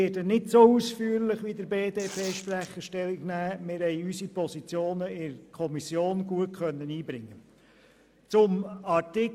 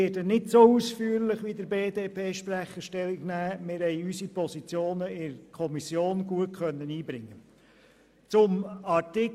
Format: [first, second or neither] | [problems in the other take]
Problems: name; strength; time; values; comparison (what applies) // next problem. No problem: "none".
second | background sound (Tearing); 15 dB below the speech